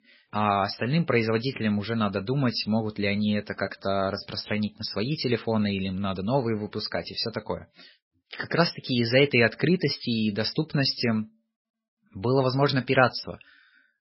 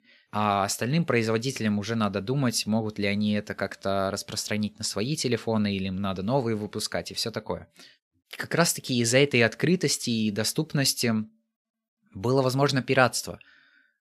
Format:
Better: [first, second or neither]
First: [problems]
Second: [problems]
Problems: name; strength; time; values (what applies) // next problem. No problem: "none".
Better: second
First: garbled, watery; badly; nothing above 5.5 kHz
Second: none